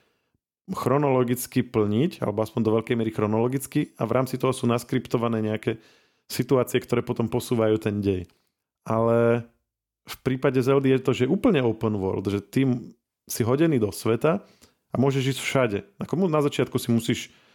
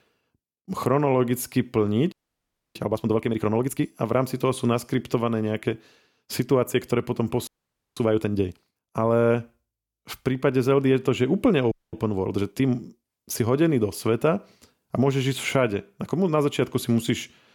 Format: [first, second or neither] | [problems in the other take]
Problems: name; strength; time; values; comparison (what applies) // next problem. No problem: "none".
first | audio freezing; at 2 s for 0.5 s, at 7.5 s and at 12 s